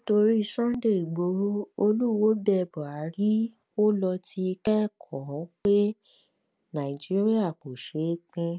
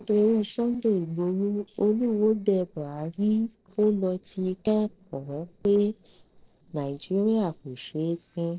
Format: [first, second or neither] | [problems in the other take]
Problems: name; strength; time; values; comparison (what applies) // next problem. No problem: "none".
first | noise reduction (neural separator model SepFormer DNS4)